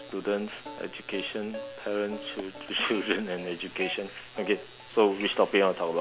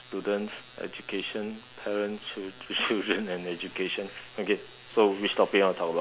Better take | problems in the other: second | background sound (Plucked string instrument); 15 dB below the speech

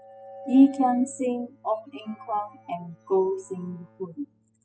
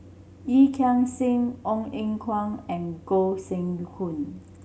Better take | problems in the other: second | noise reduction (classical method spectral subtraction)

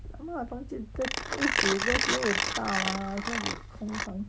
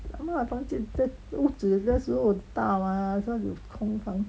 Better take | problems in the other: second | background sound (Mechanisms); 2 dB above the speech

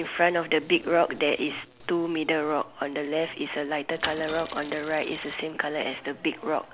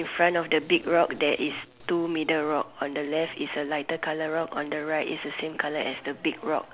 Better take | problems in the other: second | background sound (Mechanisms / Bicycle); 11 dB below the speech

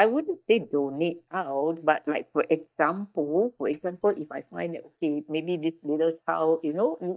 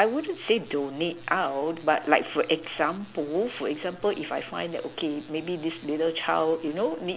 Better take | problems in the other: second | noise reduction (neural mask model DeepFilterNet 3)

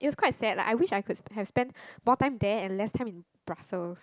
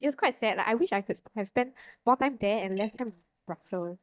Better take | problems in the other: first | noise reduction (neural mask model DeepFilterNet 3)

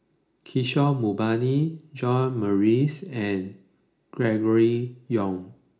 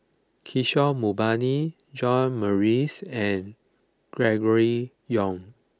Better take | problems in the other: second | room echo; dies away in 0.4 s

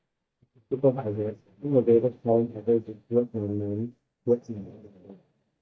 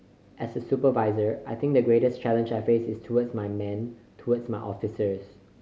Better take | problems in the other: second | noise reduction (neural mask model DeepFilterNet 3)

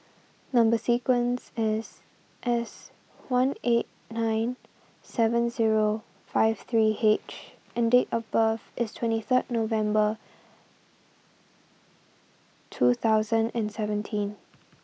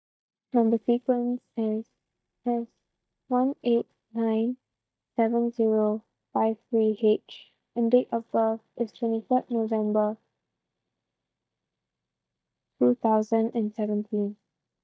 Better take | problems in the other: first | noise reduction (neural mask model DeepFilterNet 3)

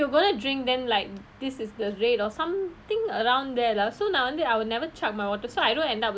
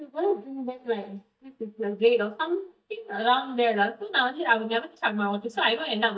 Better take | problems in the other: first | noise reduction (neural mask model DeepFilterNet 3)

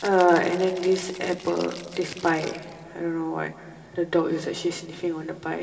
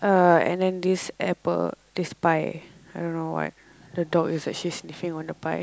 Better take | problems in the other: second | background sound (Rattle (instrument)); 19 dB below the speech // room echo; dies away in 2.2 s

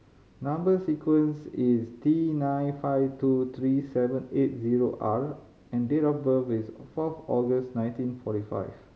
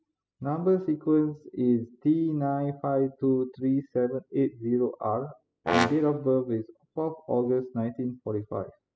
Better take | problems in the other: first | noise reduction (classical method spectral subtraction)

